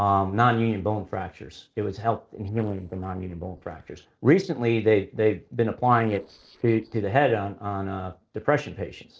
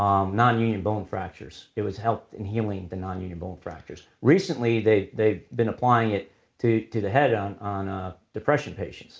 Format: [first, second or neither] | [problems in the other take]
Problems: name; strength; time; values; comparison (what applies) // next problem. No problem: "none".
second | noise reduction (neural separator model SepFormer DNS4)